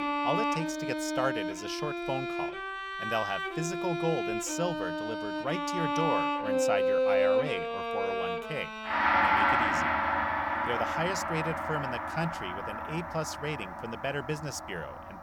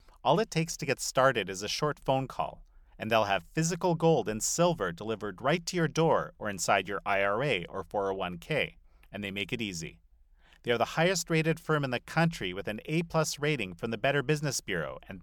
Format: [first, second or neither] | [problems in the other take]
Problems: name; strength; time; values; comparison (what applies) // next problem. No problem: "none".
second | background music; very loud; throughout; 5 dB above the speech